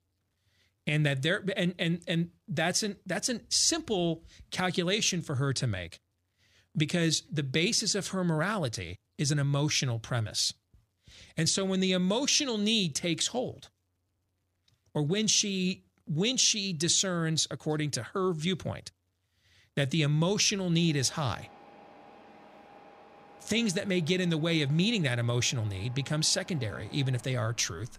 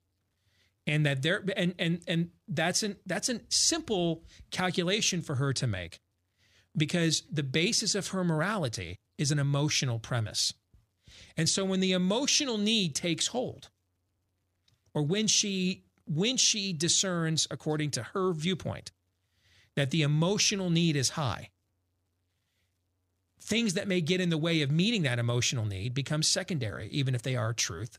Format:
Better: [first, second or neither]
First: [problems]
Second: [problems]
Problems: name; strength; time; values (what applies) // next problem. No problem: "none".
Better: second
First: traffic noise; faint; from 21 s on; 25 dB below the speech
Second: none